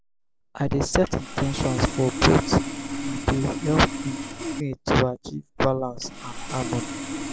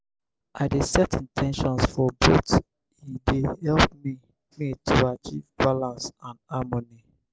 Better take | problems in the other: second | background sound (Sawing); 8 dB below the speech

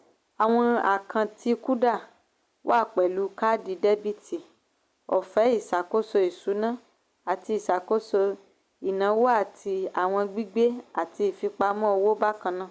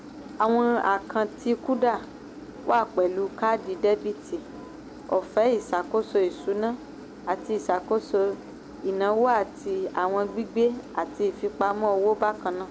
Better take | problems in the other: first | background sound (Engine); 15 dB below the speech

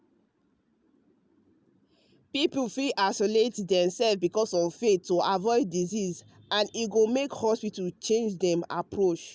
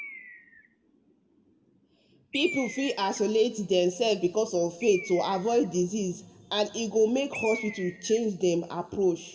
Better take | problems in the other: first | background sound (Bird); 16 dB below the speech // room echo; dies away in 1 s

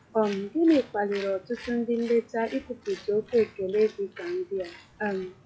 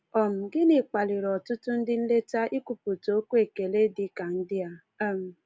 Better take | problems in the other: second | noise reduction (classical method log-MMSE)

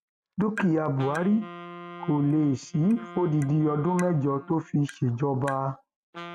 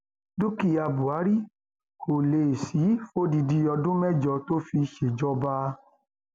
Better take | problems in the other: second | noise reduction (neural mask model RNNoise)

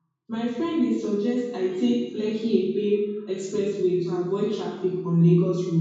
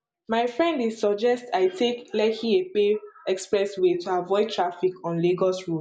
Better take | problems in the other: second | room echo; dies away in 1.1 s

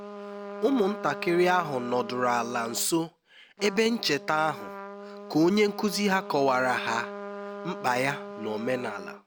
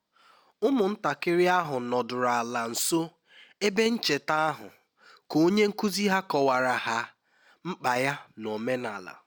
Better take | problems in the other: second | background sound (Trumpet); 12 dB below the speech

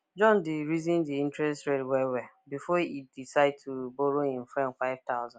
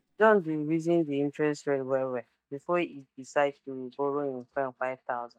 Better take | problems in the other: first | noise reduction (neural mask model DeepFilterNet 3)

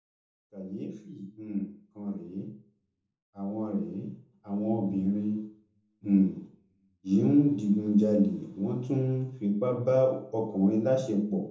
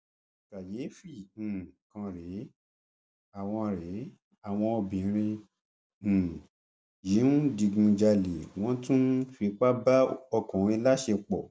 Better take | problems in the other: second | room echo; dies away in 1 s

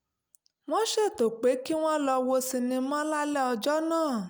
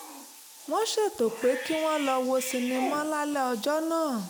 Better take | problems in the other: first | background sound (Bathtub (filling or washing) / Cat); 12 dB below the speech

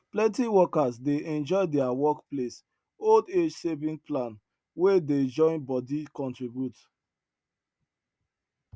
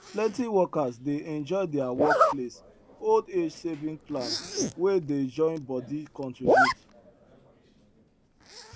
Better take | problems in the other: first | background sound (Zipper (clothing)); 1 dB below the speech

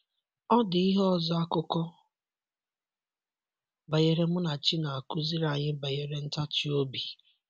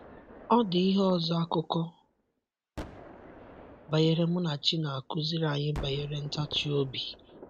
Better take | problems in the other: first | background sound (Gunshot, gunfire); 17 dB below the speech

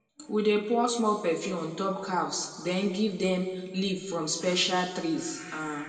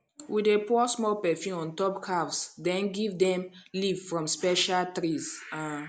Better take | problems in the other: second | room echo; dies away in 1.7 s

